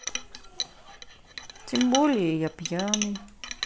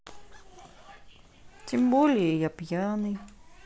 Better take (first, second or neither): second